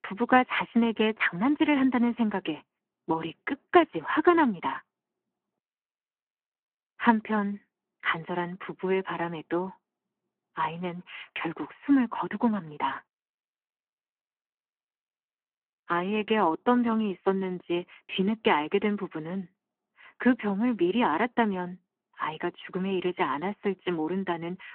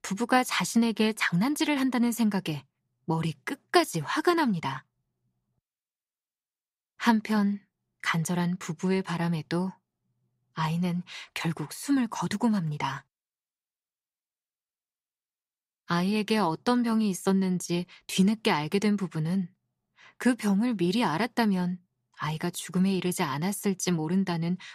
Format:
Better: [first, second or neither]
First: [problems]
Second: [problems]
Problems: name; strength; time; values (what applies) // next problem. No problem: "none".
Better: second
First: phone-call audio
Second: none